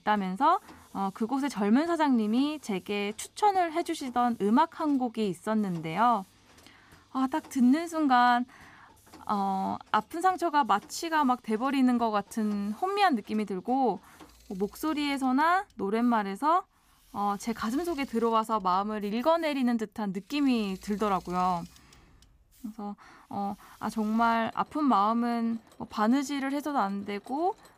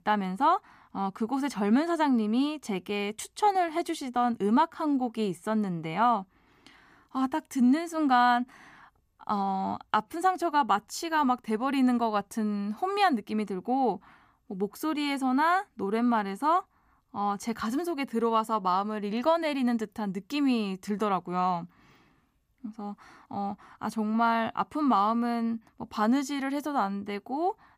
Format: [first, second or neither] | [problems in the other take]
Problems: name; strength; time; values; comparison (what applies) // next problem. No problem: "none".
second | machinery noise; faint; throughout; 30 dB below the speech